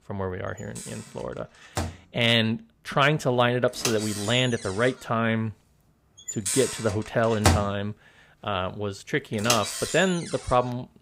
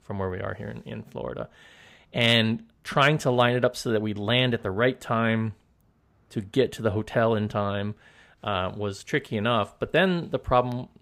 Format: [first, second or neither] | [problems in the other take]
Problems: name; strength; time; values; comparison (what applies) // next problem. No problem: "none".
second | household noises; loud; throughout; 4 dB below the speech